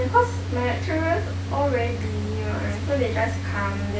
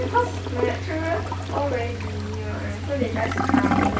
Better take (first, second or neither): first